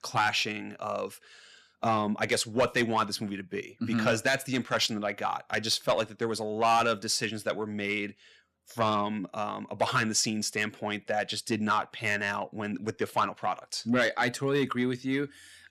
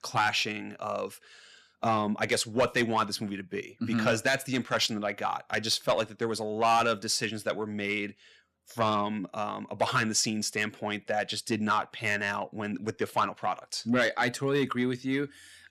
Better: neither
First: distortion; slight; 10 dB below the speech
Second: distortion; slight; 10 dB below the speech

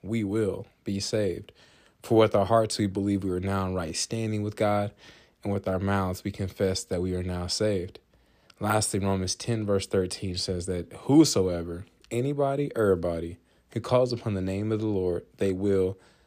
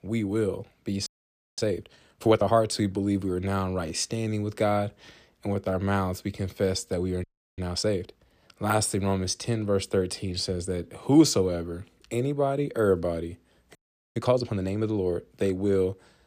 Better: first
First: none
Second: audio freezing; at 1 s for 0.5 s, at 7 s and at 14 s

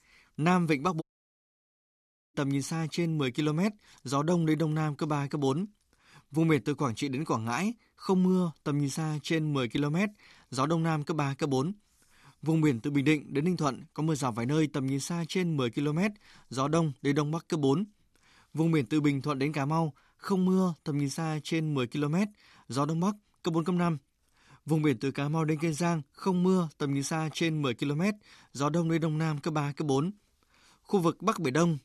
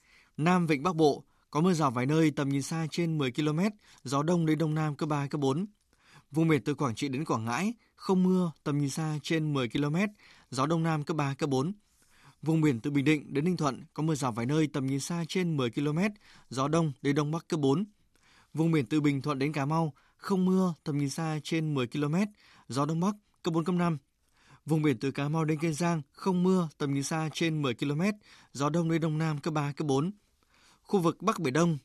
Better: second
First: audio cutting out; at 1 s for 1.5 s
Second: none

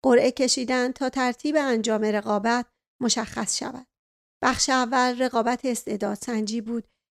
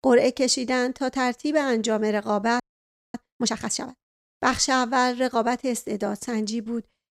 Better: first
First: none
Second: audio freezing; at 2.5 s for 0.5 s

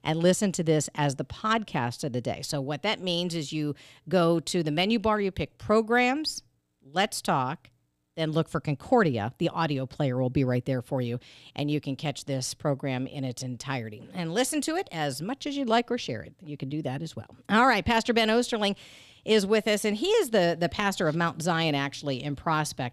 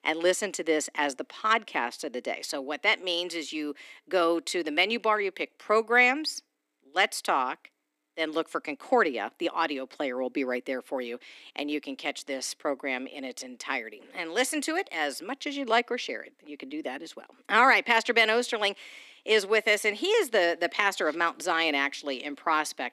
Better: first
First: none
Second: thin; somewhat; fading below 250 Hz

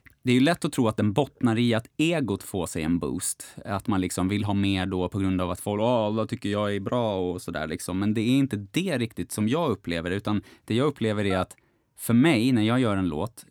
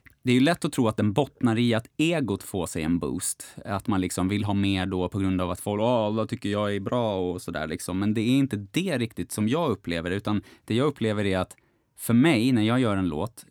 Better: second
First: phone ringing; faint; at 11 s; peak 10 dB below the speech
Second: none

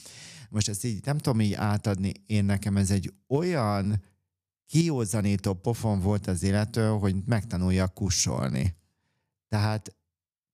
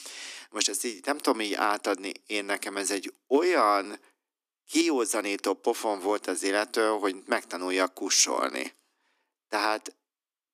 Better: first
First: none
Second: thin; very; fading below 250 Hz

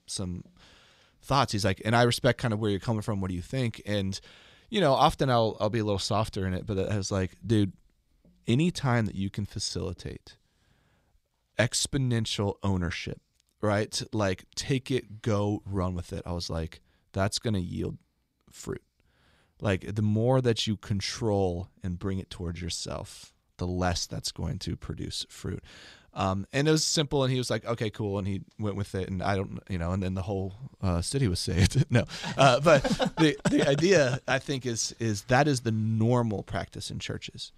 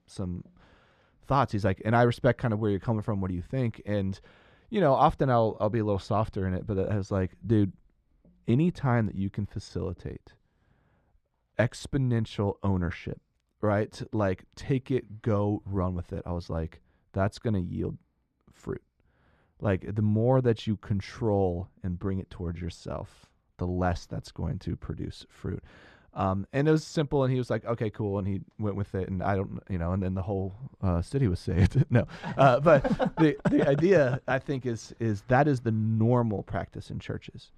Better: first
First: none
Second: muffled; very; fading above 2.5 kHz

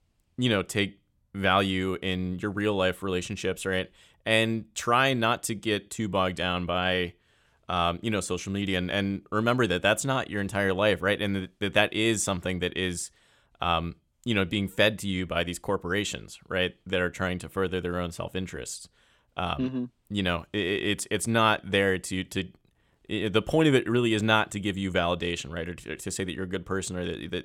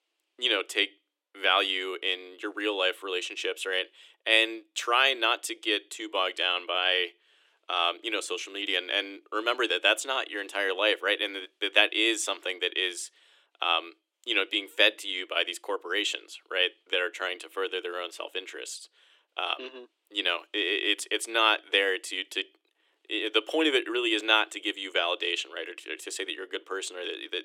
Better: first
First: none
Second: thin; very; fading below 300 Hz

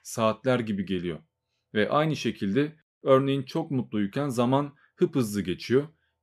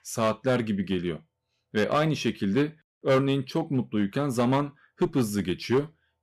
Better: first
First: none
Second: distortion; slight; 5% of the sound clipped

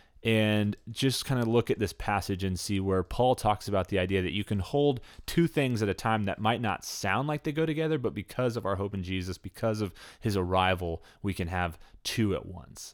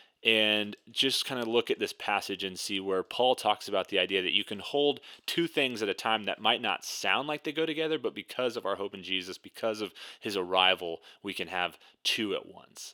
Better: first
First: none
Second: thin; somewhat; fading below 350 Hz

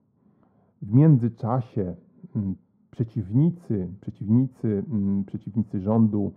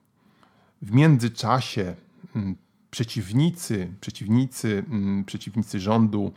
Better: second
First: muffled; very; fading above 1.5 kHz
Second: none

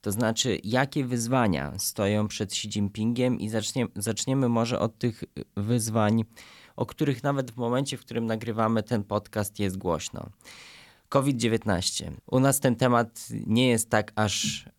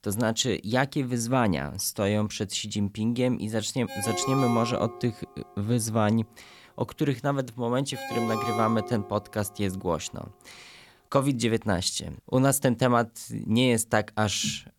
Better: first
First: none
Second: phone ringing; noticeable; from 4 to 9 s; peak 3 dB below the speech

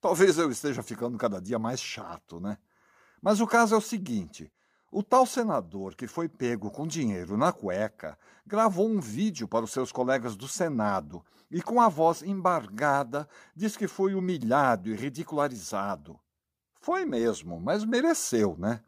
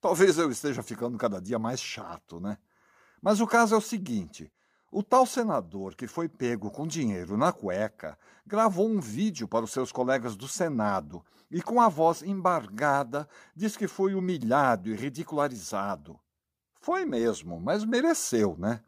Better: neither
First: none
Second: none

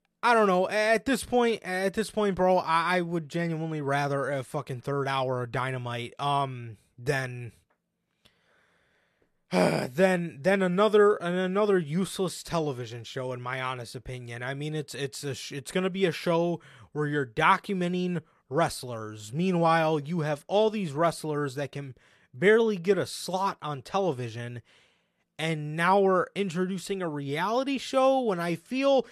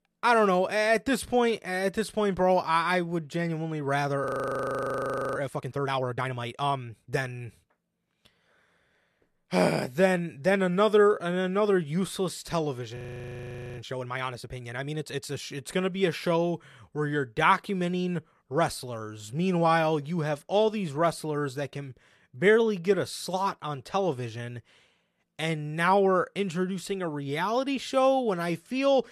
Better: first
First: none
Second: audio freezing; at 4 s for 1 s and at 13 s for 1 s

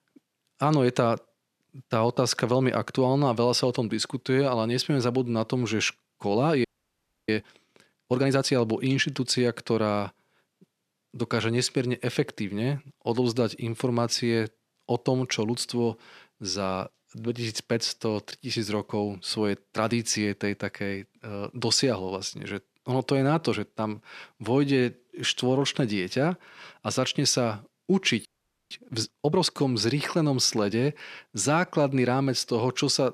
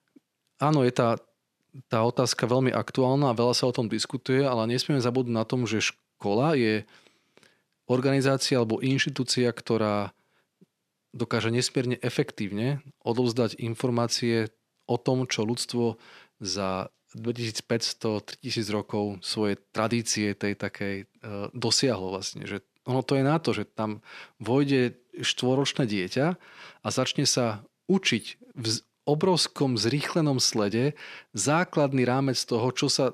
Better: second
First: audio freezing; at 6.5 s for 0.5 s and at 28 s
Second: none

